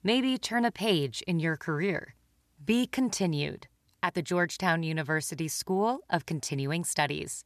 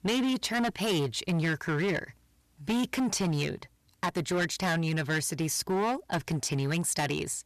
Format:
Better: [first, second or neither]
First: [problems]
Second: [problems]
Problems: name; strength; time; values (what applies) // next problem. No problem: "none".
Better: first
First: none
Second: distortion; heavy; 17% of the sound clipped